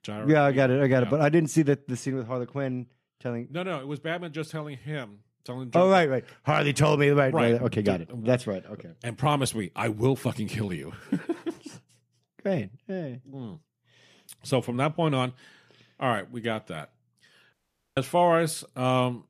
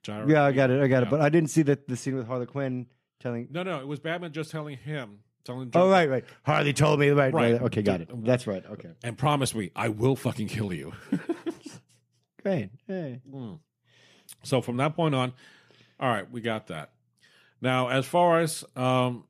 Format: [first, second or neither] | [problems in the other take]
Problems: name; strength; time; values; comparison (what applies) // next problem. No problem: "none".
second | audio cutting out; at 18 s